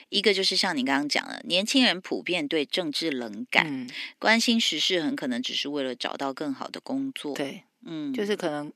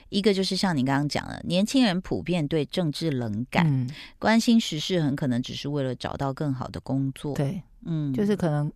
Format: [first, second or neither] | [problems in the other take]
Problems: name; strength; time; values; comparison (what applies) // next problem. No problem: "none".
second | thin; very slightly; fading below 250 Hz